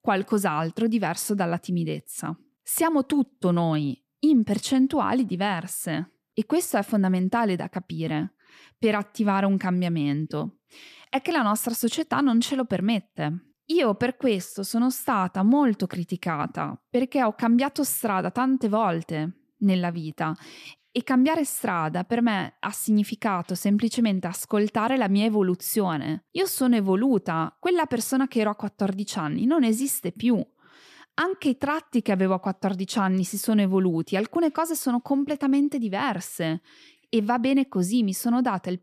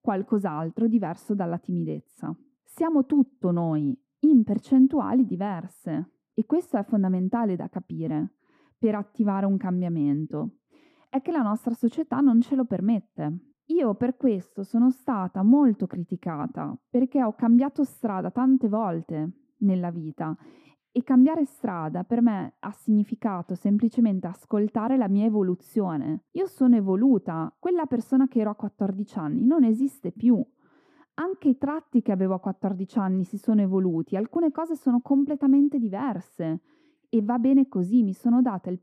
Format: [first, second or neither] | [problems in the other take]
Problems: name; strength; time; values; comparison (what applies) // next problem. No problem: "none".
first | muffled; very; fading above 2 kHz